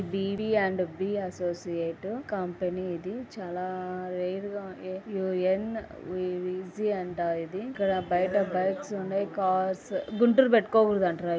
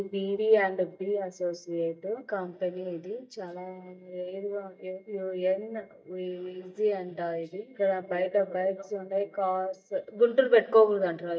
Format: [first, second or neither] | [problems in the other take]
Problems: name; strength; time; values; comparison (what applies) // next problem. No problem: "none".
first | noise reduction (neural mask model DeepFilterNet 3)